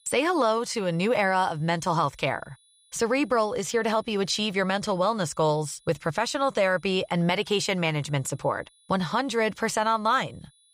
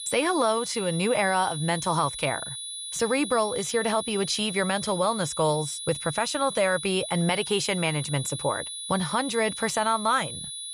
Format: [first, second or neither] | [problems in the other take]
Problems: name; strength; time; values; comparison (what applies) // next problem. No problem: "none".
first | high-pitched whine; loud; throughout; 4 kHz, 7 dB below the speech; faint in the first